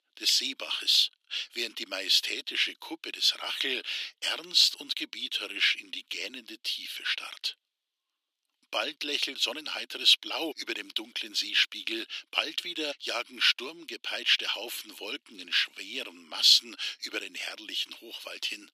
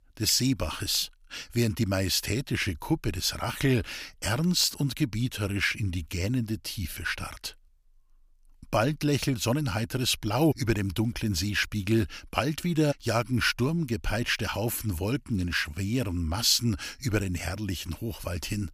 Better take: second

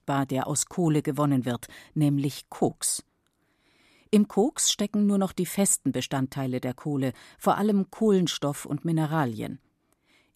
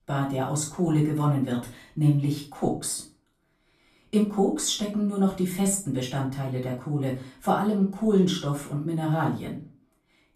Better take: first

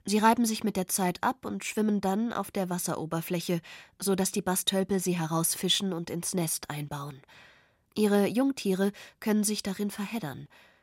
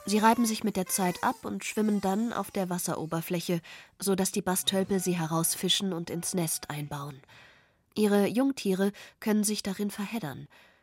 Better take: first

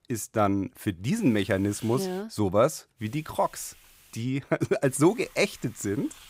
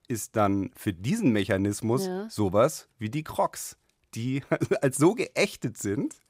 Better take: second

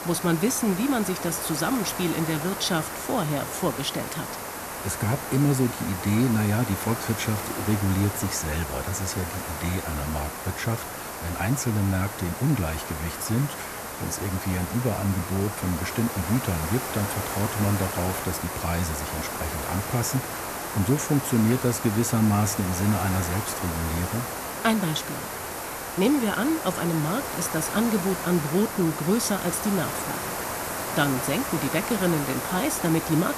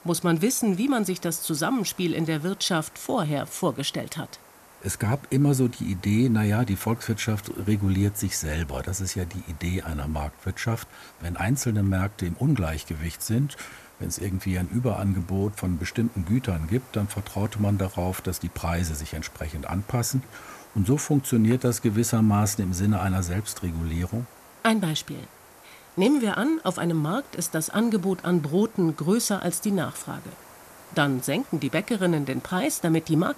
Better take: second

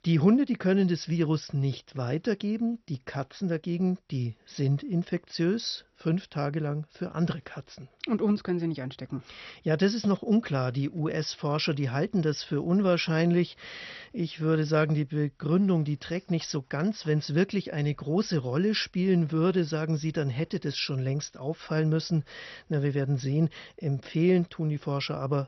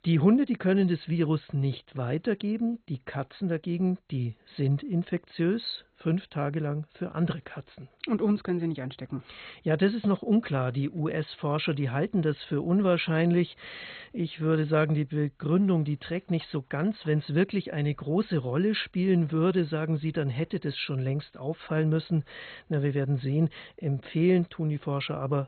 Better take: first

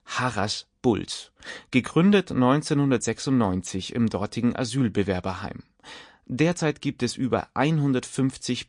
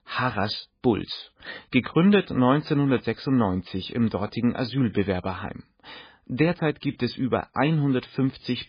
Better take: first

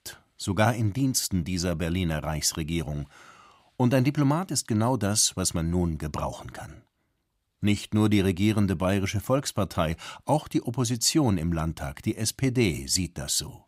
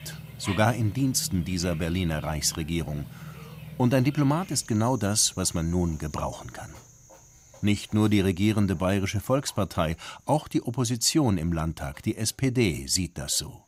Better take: first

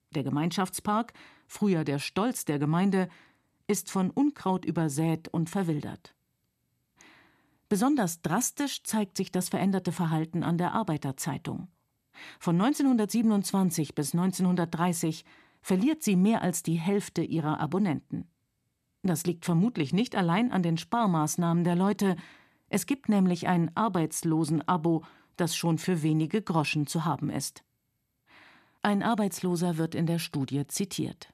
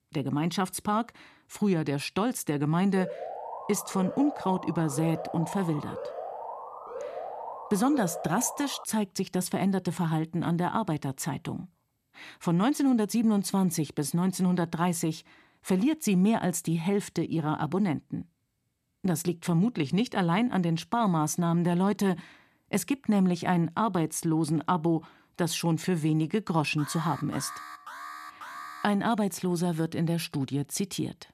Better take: first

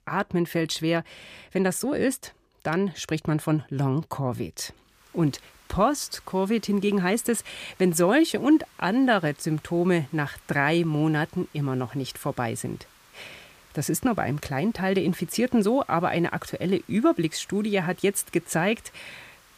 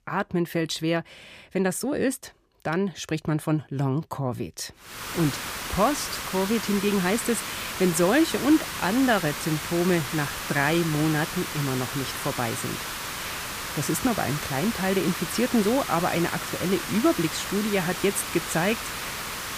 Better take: first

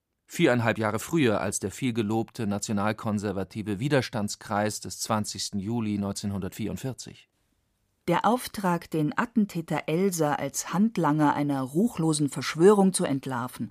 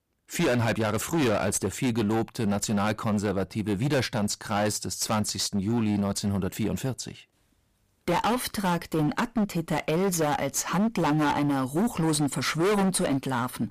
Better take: first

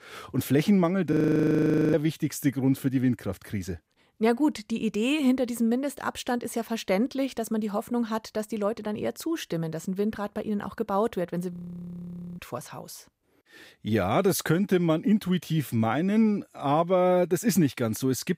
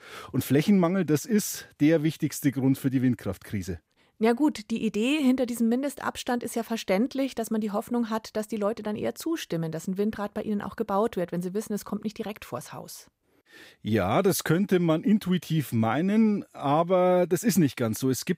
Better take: second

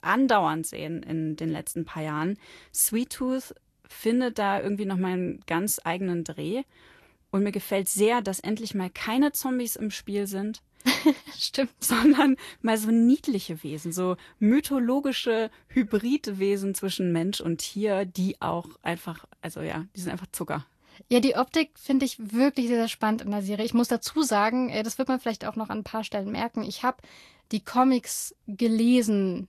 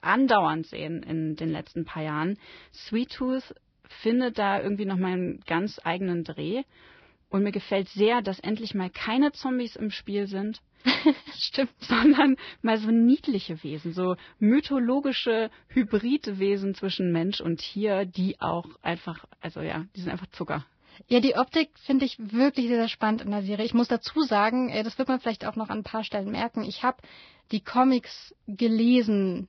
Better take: first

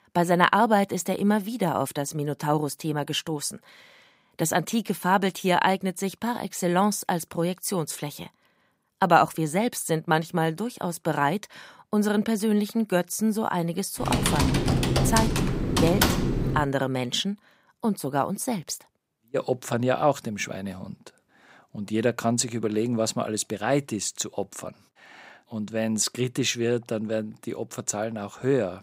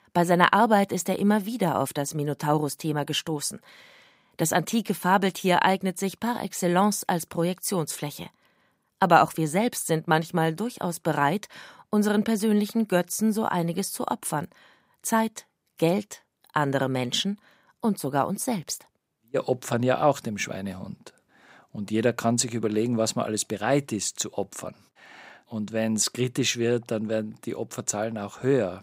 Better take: second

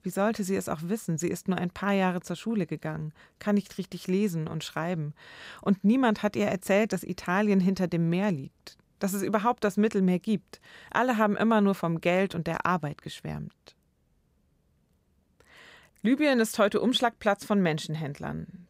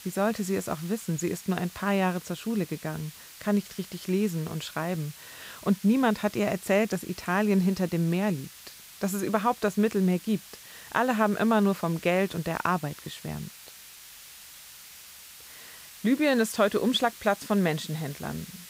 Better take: first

